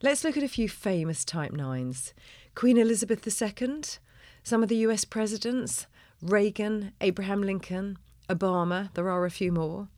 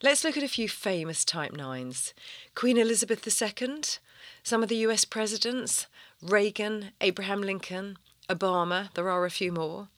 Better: first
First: none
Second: thin; very slightly; fading below 550 Hz

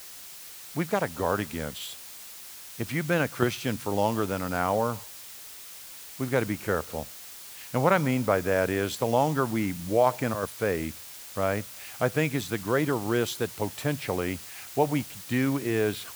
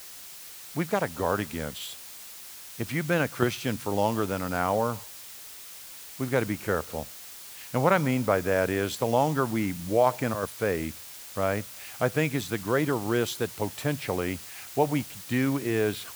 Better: neither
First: hiss; noticeable; throughout; 15 dB below the speech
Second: hiss; noticeable; throughout; 15 dB below the speech

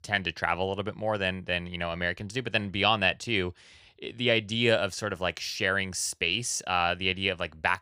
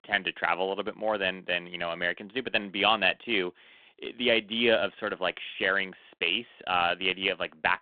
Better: first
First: none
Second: phone-call audio

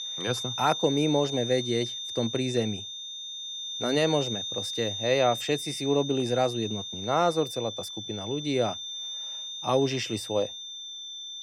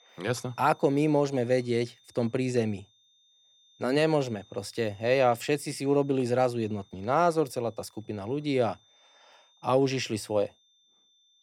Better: second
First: high-pitched whine; loud; throughout; 3.5 kHz, 5 dB below the speech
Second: high-pitched whine; faint; throughout; 3.5 kHz, 30 dB below the speech

